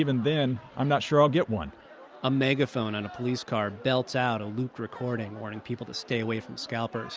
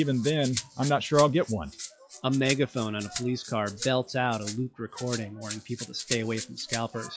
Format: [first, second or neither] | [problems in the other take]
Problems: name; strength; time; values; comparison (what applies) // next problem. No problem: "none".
first | noise reduction (classical method log-MMSE)